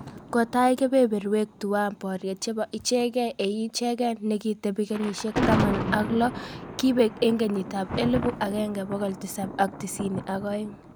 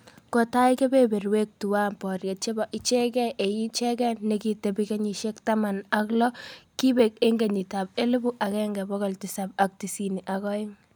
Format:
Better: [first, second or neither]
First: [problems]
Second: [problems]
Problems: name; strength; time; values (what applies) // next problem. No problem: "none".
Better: second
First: background sound (Thunder); 8 dB below the speech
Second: none